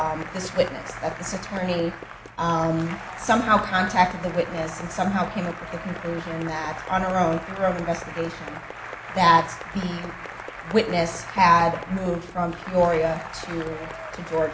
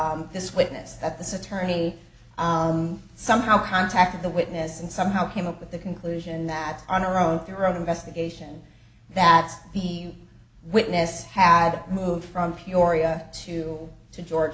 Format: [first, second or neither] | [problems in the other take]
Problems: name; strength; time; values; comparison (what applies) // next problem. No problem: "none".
second | background sound (Applause / Cheering); 12 dB below the speech